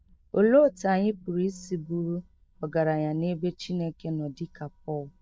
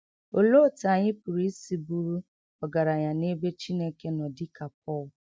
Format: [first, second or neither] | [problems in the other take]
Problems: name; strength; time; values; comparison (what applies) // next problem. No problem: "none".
second | noise reduction (neural diffusion model UNIVERSE++)